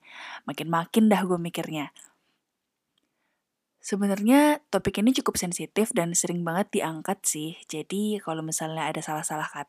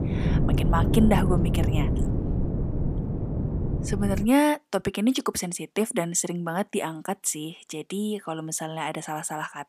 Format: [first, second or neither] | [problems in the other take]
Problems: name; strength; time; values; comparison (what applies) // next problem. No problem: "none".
first | wind noise on the microphone; heavy; until 4.5 s; 6 dB below the speech